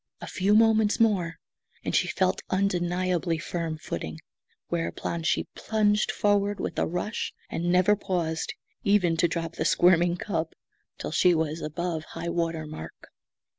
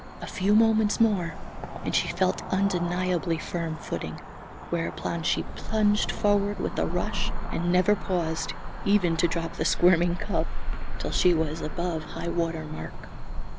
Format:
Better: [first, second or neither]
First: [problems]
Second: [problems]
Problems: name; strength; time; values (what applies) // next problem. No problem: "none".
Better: first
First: none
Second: background sound (Cricket / Motor vehicle (road)); 3 dB below the speech